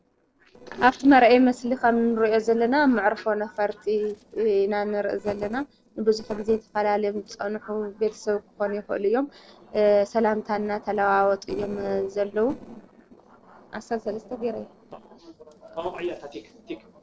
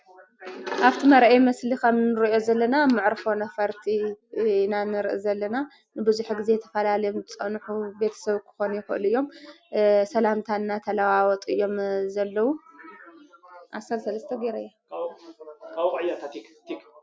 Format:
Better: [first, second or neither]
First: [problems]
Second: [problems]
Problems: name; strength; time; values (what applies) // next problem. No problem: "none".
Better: second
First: noise reduction (neural separator model SepFormer DNS4)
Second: none